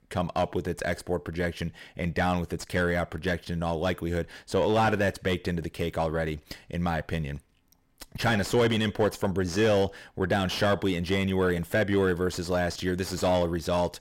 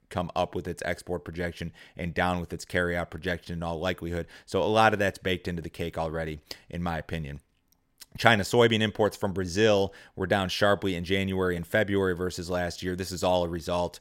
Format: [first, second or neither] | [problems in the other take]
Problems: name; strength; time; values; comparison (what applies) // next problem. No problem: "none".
second | distortion; heavy; 8 dB below the speech